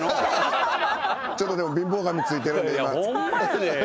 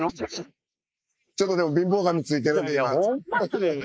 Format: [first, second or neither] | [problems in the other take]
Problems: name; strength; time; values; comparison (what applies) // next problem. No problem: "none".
first | noise reduction (neural mask model Resemble Enhance denoiser)